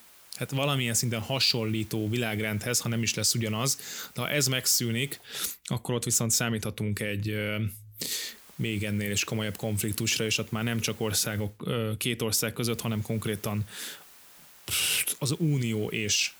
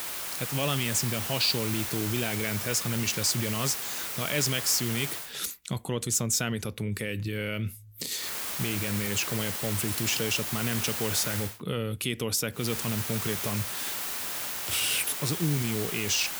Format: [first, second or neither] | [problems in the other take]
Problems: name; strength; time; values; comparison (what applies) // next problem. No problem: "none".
first | hiss; loud; until 5.5 s, from 8 to 11 s and from 13 s on; 2 dB below the speech; faint in the first